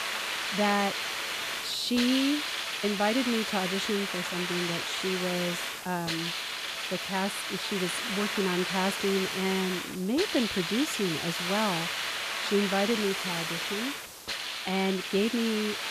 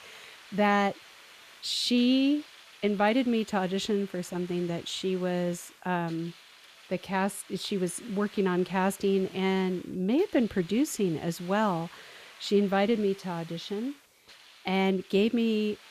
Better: second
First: hiss; loud; throughout; 1 dB below the speech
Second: hiss; faint; throughout; 20 dB below the speech

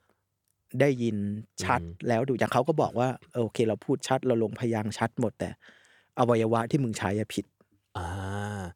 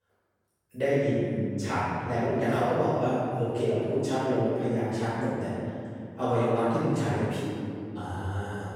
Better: first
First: none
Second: off-mic speech; far // room echo; strong; dies away in 2.4 s

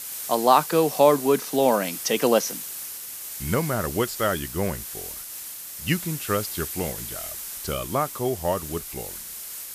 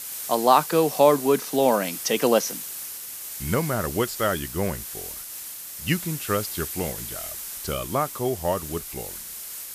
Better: neither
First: hiss; loud; throughout; 8 dB below the speech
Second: hiss; loud; throughout; 8 dB below the speech

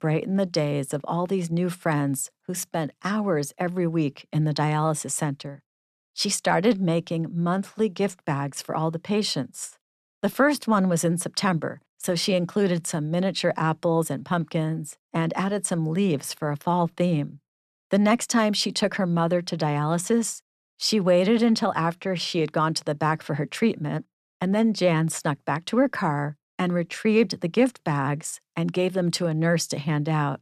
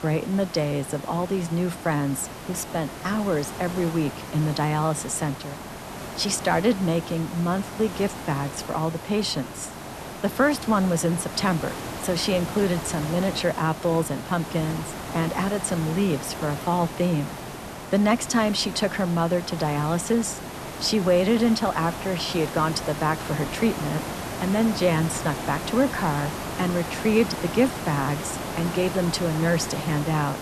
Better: first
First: none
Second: hiss; loud; throughout; 9 dB below the speech

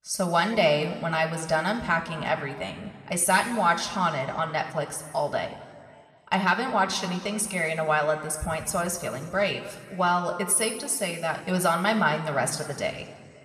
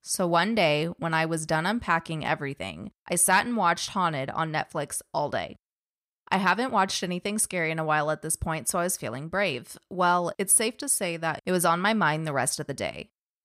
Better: second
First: room echo; slight; dies away in 1.6 s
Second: none

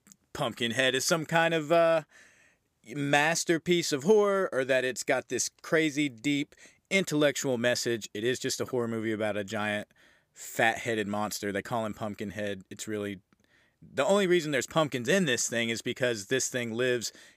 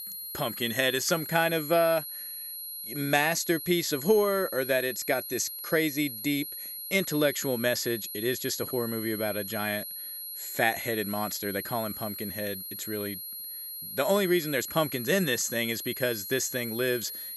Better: first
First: none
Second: high-pitched whine; loud; throughout; 11.5 kHz, 7 dB below the speech

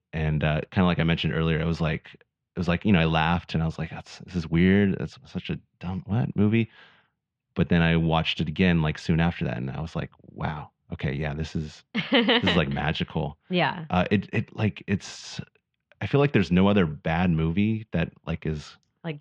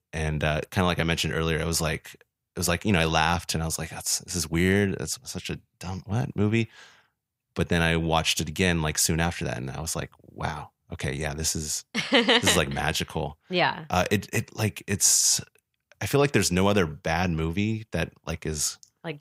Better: second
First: muffled; very; fading above 3.5 kHz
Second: none

